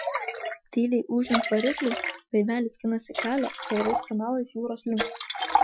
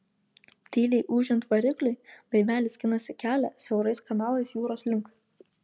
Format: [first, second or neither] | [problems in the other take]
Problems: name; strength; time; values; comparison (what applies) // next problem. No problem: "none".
second | noise reduction (classical method Wiener filter)